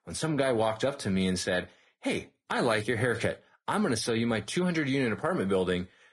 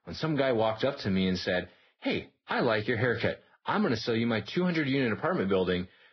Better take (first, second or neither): first